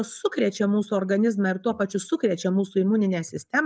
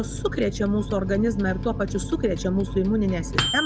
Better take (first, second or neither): first